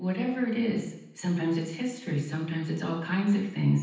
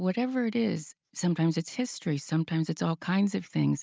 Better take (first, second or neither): second